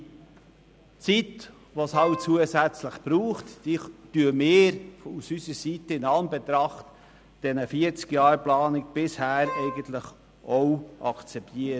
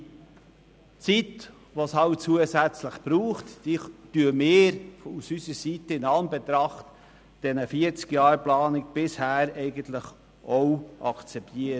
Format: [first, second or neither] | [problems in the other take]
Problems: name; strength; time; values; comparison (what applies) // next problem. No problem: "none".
second | background sound (Wind instrument, woodwind instrument); 9 dB below the speech